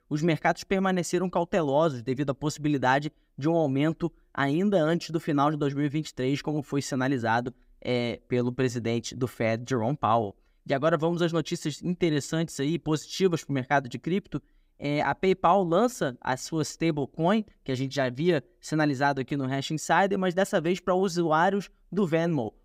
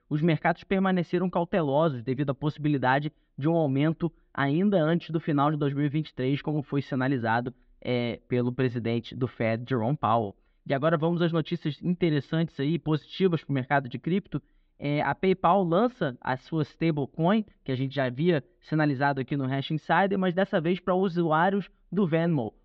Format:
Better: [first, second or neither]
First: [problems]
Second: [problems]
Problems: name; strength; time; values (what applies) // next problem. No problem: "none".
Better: first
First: none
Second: muffled; slightly; fading above 3.5 kHz